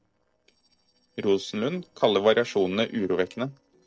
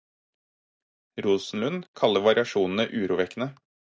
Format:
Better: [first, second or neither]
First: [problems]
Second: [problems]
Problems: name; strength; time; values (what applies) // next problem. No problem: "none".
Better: second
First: noise reduction (neural separator model SepFormer DNS4)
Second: none